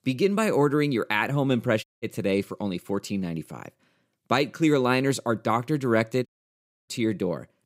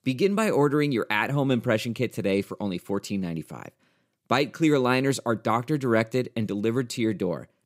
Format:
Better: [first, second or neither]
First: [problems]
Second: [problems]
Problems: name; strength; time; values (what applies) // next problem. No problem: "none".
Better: second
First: audio cutting out; at 2 s and at 6.5 s for 0.5 s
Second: none